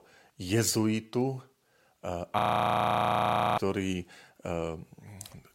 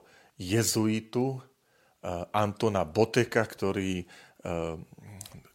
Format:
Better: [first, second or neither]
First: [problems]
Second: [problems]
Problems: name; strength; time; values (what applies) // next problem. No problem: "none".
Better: second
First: audio freezing; at 2.5 s for 1 s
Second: none